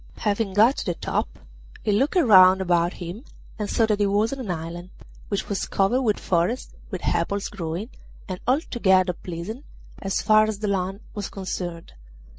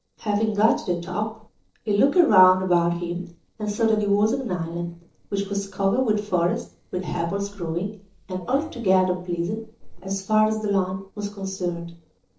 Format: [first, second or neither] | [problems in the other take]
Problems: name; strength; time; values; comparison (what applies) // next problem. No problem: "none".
first | noise reduction (neural separator model SepFormer DNS4)